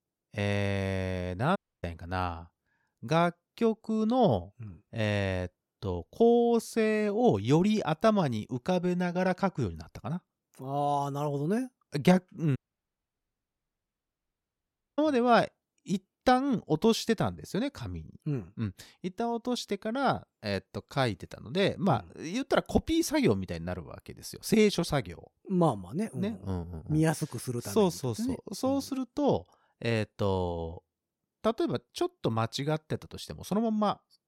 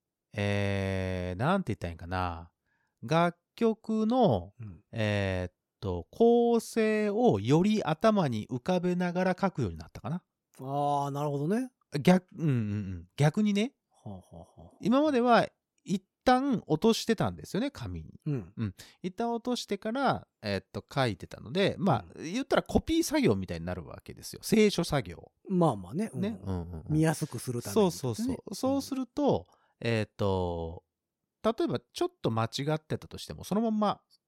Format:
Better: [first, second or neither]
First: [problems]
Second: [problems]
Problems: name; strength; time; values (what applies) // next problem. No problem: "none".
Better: second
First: audio cutting out; at 1.5 s and at 13 s for 2.5 s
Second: none